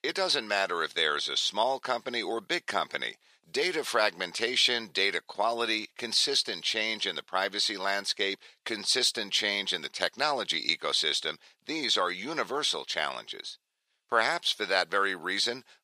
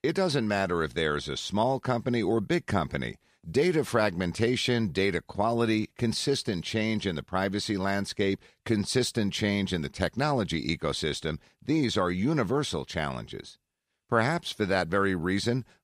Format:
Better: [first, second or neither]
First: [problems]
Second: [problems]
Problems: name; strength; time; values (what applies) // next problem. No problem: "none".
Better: second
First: thin; very; fading below 600 Hz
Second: none